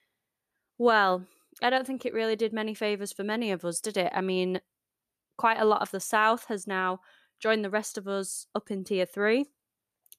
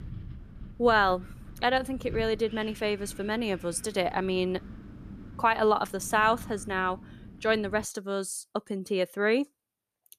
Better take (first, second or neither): first